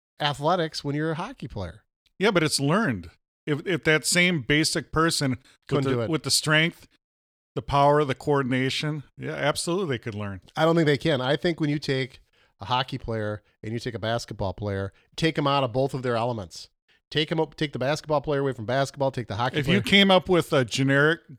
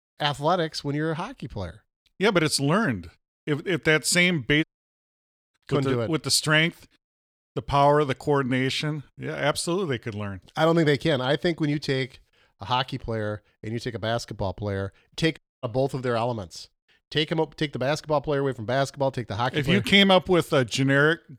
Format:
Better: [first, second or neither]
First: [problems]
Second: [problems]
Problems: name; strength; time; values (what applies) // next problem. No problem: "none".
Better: first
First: none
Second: audio cutting out; at 4.5 s for 1 s and at 15 s